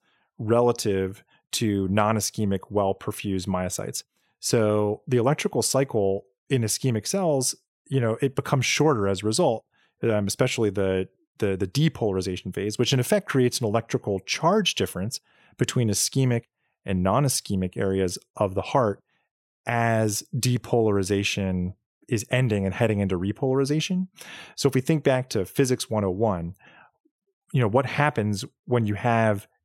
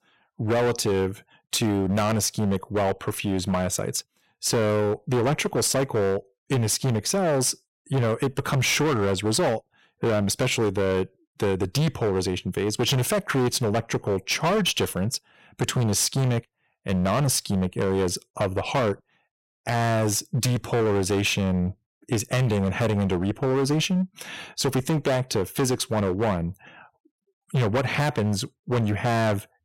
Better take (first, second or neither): first